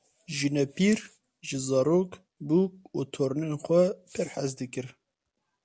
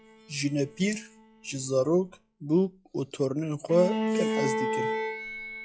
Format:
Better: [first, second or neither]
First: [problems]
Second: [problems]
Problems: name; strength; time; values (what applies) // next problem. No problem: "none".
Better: first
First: none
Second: noise reduction (classical method log-MMSE)